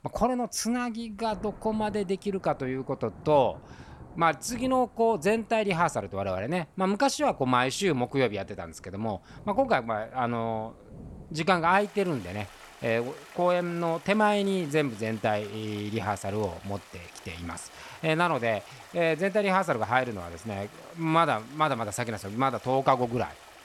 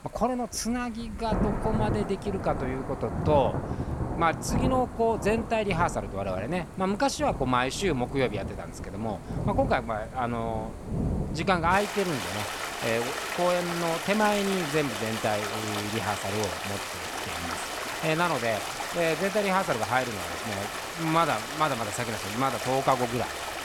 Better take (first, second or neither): first